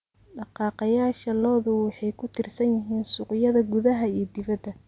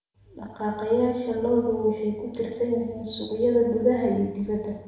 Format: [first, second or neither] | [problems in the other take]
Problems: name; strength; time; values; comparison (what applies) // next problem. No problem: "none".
first | room echo; dies away in 0.8 s